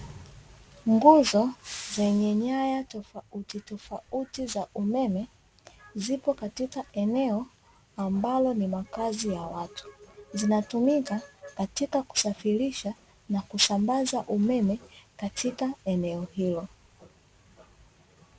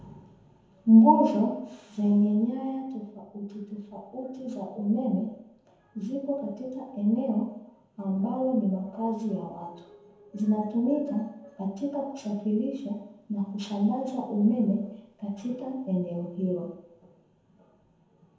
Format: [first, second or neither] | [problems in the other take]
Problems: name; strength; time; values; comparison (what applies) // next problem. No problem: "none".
first | room echo; dies away in 0.9 s